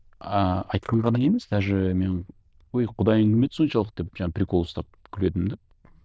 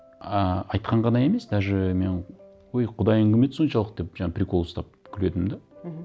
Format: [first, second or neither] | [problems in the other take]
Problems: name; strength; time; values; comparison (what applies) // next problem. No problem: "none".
second | noise reduction (neural diffusion model UNIVERSE++)